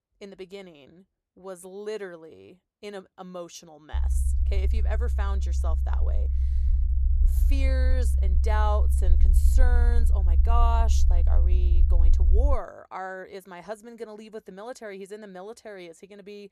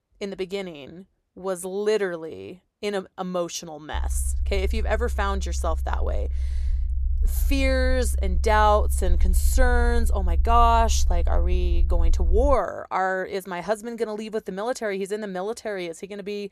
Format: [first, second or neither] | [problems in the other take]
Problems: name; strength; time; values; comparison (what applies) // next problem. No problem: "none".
second | low rumble; loud; from 4 to 13 s; 8 dB below the speech; faint in the second